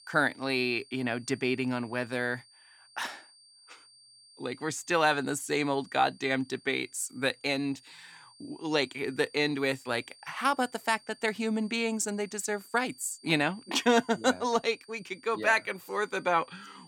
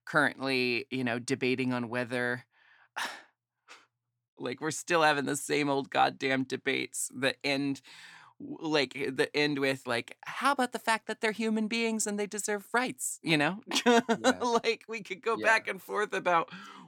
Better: second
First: high-pitched whine; faint; throughout; 4.5 kHz, 25 dB below the speech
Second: none

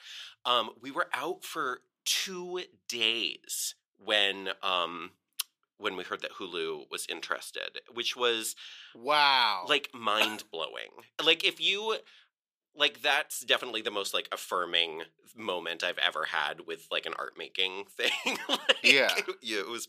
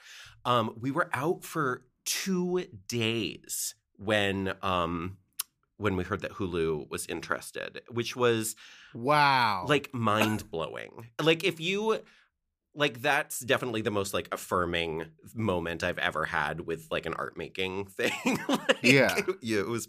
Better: second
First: thin; somewhat; fading below 450 Hz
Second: none

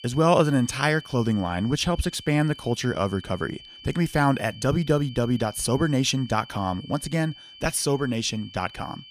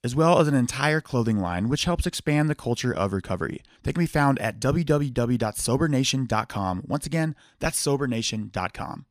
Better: second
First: high-pitched whine; noticeable; throughout; 3 kHz, 20 dB below the speech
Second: none

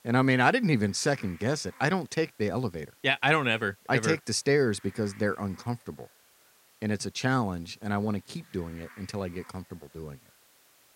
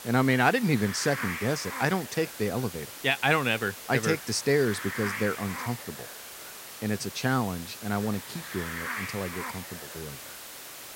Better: first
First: hiss; faint; throughout; 30 dB below the speech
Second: hiss; loud; throughout; 9 dB below the speech

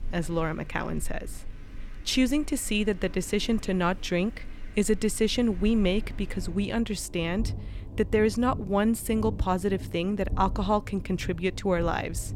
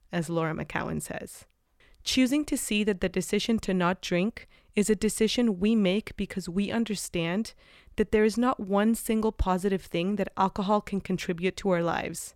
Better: second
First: rain or running water; noticeable; throughout; 10 dB below the speech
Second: none

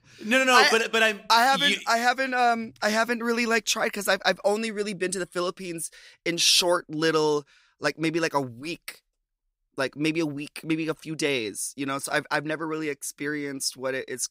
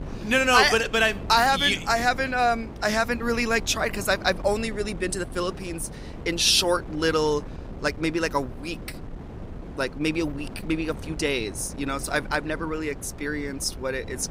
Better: first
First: none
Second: wind noise on the microphone; occasional gusts; 20 dB below the speech

